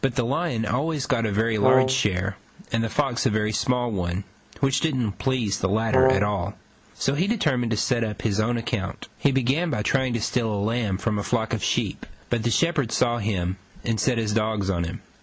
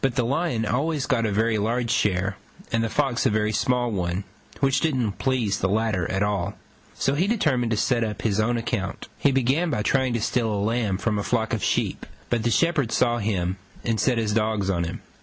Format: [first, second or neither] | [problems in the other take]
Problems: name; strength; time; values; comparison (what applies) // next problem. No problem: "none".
second | background sound (Brass instrument); 2 dB above the speech